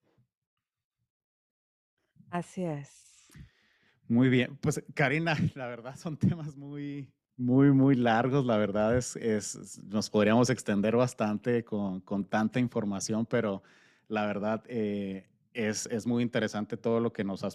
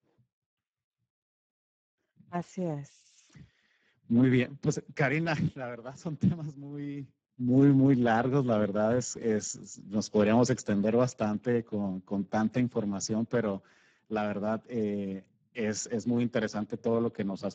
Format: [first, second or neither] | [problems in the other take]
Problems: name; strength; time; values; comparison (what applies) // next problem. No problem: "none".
first | garbled, watery; badly; nothing above 7.5 kHz